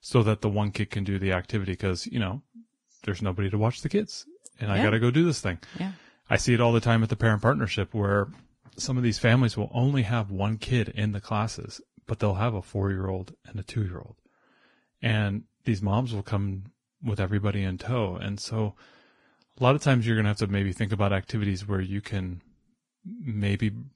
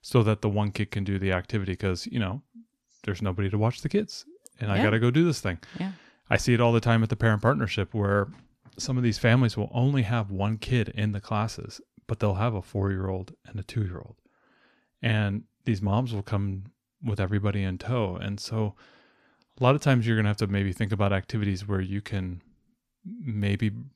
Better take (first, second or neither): second